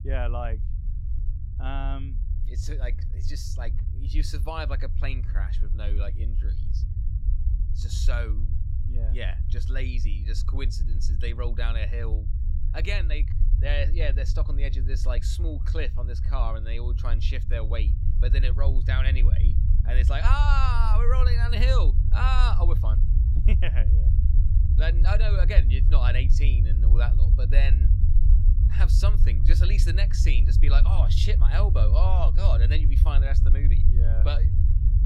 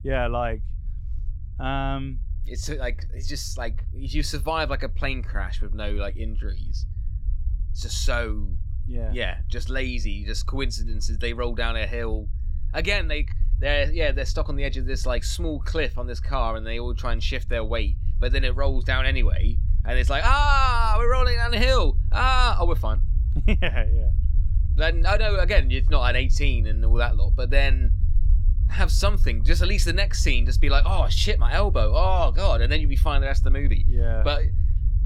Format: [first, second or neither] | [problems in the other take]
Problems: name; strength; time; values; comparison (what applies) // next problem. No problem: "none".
second | low rumble; loud; throughout; 9 dB below the speech; faint in the second